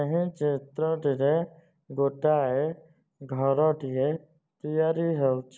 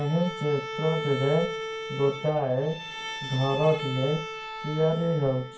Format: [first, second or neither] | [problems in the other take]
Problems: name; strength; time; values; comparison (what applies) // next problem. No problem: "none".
first | background sound (Bowed string instrument); 8 dB below the speech // room echo; dies away in 0.2 s